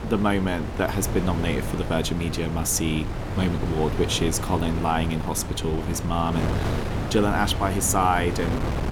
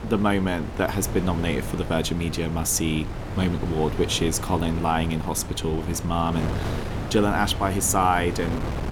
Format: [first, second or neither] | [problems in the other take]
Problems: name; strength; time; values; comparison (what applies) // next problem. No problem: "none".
second | wind noise on the microphone; heavy; 8 dB below the speech; occasional gusts in the second